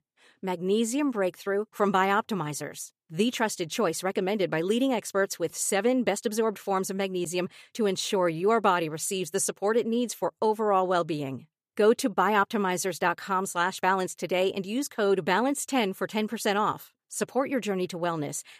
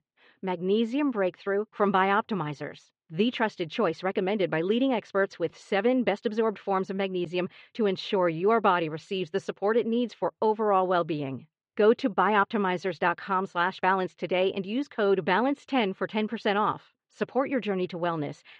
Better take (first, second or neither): first